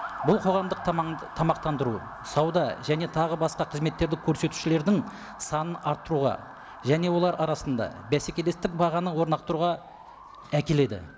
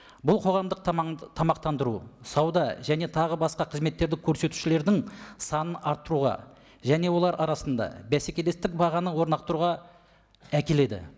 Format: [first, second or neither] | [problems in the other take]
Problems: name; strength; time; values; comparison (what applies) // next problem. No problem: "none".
second | background sound (Motor vehicle (road) / Siren); 15 dB below the speech